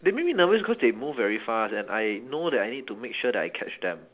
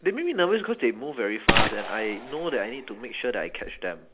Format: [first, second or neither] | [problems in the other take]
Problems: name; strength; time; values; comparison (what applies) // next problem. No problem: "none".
first | background sound (Gunshot, gunfire); as loud as the speech